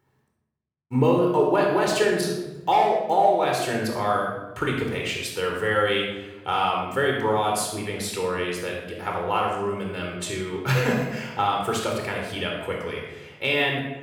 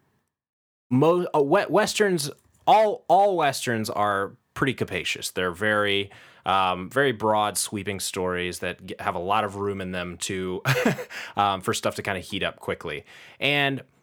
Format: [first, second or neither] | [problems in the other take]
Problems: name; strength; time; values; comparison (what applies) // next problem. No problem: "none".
second | off-mic speech; somewhat distant // room echo; noticeable; dies away in 0.9 s